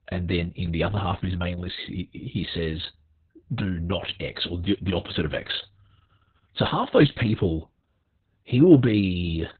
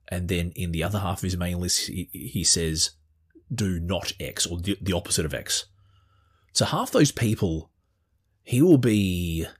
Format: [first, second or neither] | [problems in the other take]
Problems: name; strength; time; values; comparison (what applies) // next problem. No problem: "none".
second | garbled, watery; badly; nothing above 4 kHz